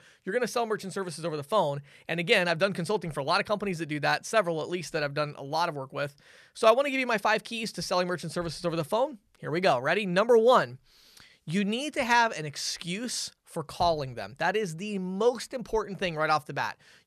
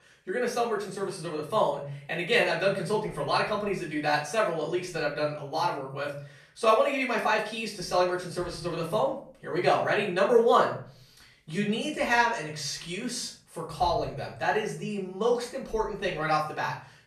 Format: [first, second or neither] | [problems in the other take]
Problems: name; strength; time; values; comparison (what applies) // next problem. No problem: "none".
first | off-mic speech; far // room echo; slight; dies away in 0.4 s